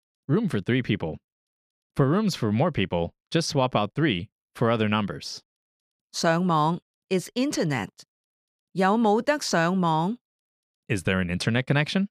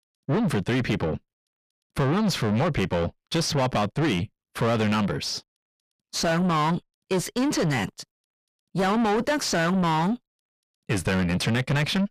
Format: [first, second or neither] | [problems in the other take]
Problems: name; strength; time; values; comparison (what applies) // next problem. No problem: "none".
first | distortion; heavy; 6 dB below the speech